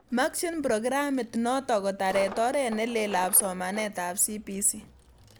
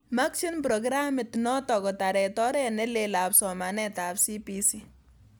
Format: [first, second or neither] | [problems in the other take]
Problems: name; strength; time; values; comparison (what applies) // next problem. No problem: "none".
second | background sound (Coin (dropping)); 18 dB below the speech